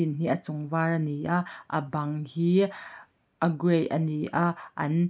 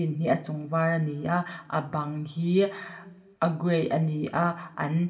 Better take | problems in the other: first | room echo; dies away in 1.6 s

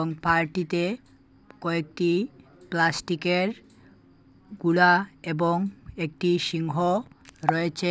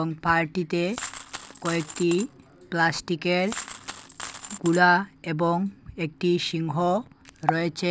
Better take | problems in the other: first | background sound (Coin (dropping)); 14 dB below the speech

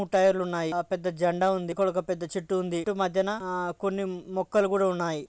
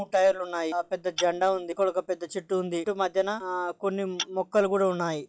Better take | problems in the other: first | noise reduction (classical method log-MMSE)

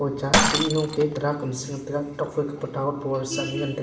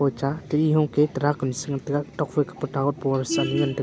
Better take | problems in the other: second | background sound (Shatter); 2 dB below the speech // room echo; dies away in 0.9 s

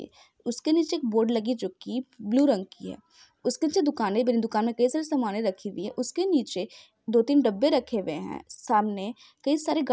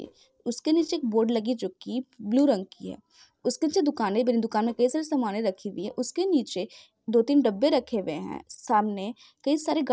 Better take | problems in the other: first | noise reduction (neural separator model SepFormer DNS4)

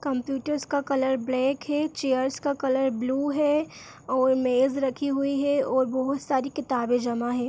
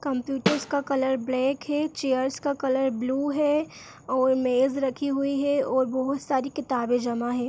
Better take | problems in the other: first | background sound (Snare drum); 6 dB below the speech

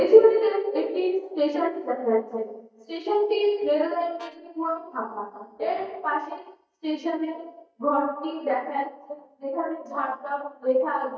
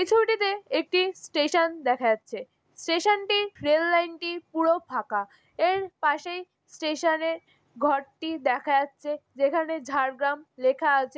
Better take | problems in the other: second | noise reduction (neural mask model DeepFilterNet 3)

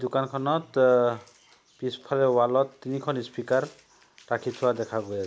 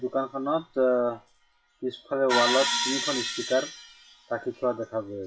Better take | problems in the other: first | noise reduction (classical method WPE with log-MMSE)

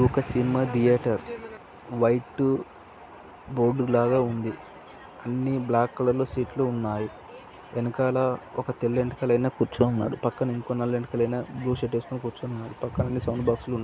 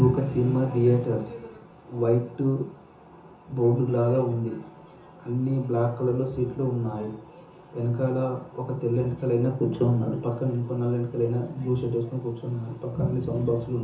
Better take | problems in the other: first | room echo; dies away in 0.7 s

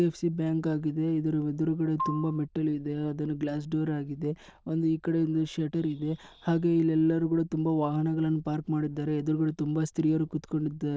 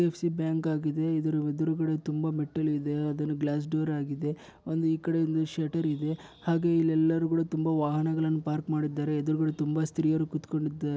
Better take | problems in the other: second | noise reduction (neural diffusion model UNIVERSE++)

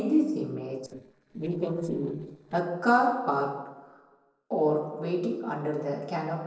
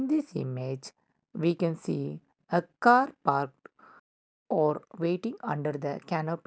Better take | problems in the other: second | noise reduction (neural separator model SepFormer DNS4)

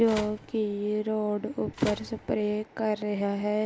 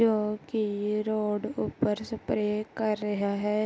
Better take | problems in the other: second | background sound (Telephone); 15 dB below the speech

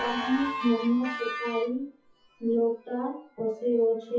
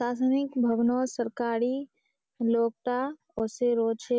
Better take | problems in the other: second | noise reduction (classical method WPE with log-MMSE)

